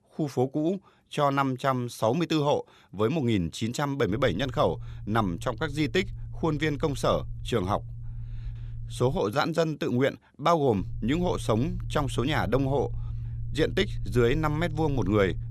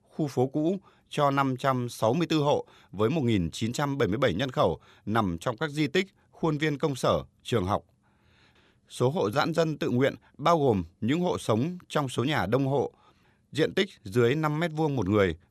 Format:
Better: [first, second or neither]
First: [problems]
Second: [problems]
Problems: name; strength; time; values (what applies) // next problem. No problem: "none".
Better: second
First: low rumble; faint; from 4 to 9 s and from 11 s on; 25 dB below the speech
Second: none